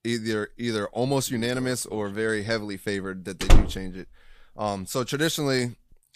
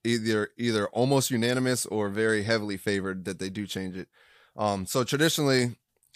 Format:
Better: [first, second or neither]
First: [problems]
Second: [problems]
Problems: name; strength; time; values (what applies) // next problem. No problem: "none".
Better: second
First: door banging; loud; at 3.5 s; peak 5 dB above the speech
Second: none